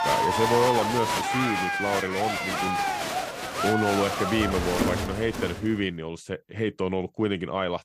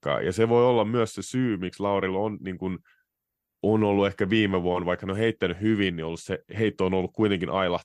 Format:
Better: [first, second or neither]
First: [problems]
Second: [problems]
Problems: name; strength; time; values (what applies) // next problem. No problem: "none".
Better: second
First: crowd noise; very loud; until 5.5 s; 1 dB above the speech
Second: none